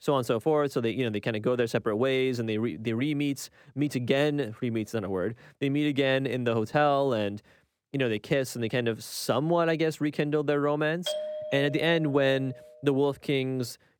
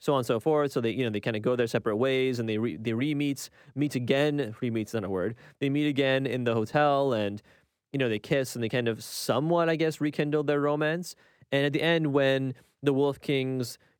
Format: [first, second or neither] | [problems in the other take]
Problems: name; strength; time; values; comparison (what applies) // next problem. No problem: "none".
second | doorbell; noticeable; from 11 to 13 s; peak 5 dB below the speech